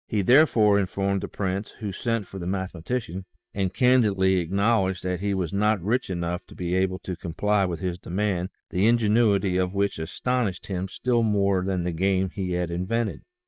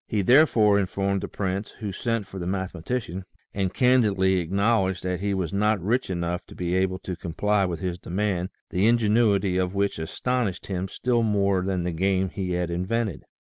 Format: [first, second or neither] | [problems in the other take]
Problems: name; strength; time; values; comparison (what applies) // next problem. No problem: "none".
second | noise reduction (neural mask model DeepFilterNet 3)